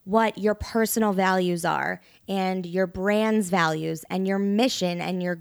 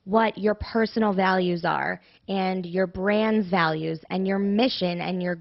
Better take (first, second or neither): first